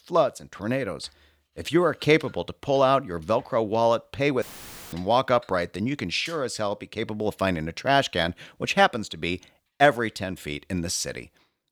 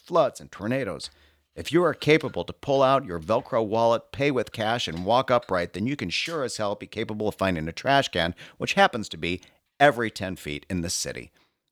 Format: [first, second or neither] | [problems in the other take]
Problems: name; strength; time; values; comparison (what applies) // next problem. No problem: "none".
second | audio cutting out; filled with static; at 4.5 s for 0.5 s